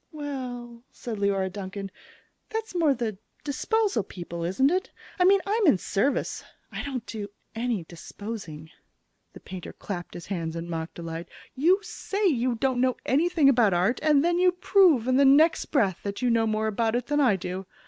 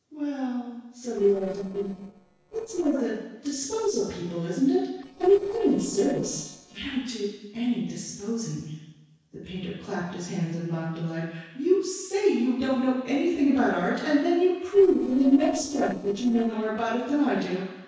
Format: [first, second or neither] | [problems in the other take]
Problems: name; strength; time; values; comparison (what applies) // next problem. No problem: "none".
first | noise reduction (neural separator model SepFormer DNS4)